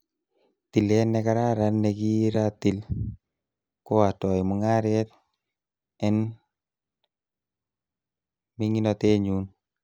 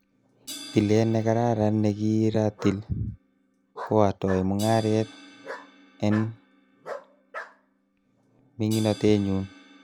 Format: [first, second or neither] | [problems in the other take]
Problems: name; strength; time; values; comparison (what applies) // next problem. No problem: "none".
first | background sound (Bark + Crash cymbal); 17 dB below the speech